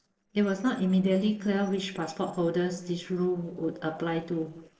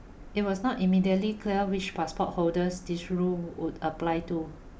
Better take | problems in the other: second | noise reduction (neural separator model SepFormer DNS4)

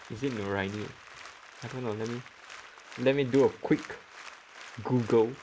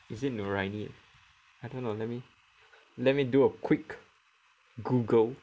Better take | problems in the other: second | background sound (Applause); 17 dB below the speech

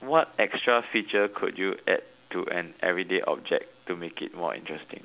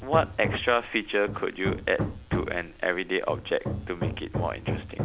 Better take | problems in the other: first | background sound (Hammer); 5 dB below the speech

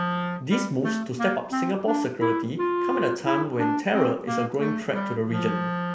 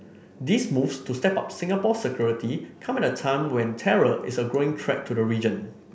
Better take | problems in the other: second | background sound (Wind instrument, woodwind instrument); as loud as the speech

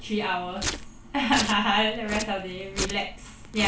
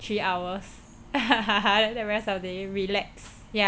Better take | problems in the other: second | background sound (Domestic sounds, home sounds); 8 dB below the speech // room echo; dies away in 0.3 s

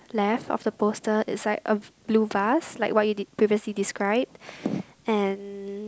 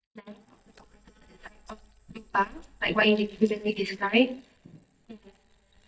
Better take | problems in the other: first | noise reduction (neural mask model DeepFilterNet 3)

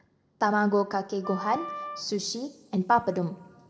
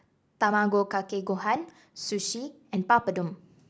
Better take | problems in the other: second | background sound (Wind instrument, woodwind instrument); 11 dB below the speech // room echo; dies away in 1.4 s

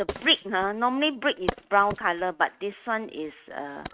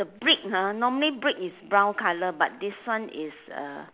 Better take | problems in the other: second | noise reduction (neural mask model RNNoise)

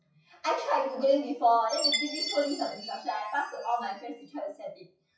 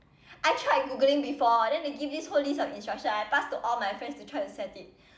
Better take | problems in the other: second | noise reduction (classical method WPE with log-MMSE)

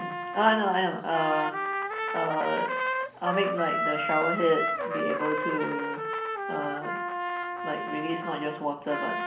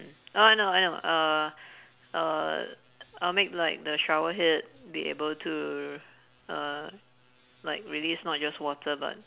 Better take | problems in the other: second | background sound (Trumpet); 2 dB below the speech // room echo; dies away in 0.6 s

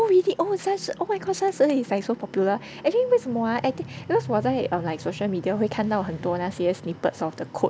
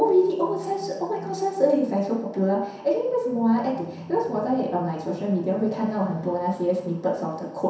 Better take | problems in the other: first | room echo; dies away in 0.7 s

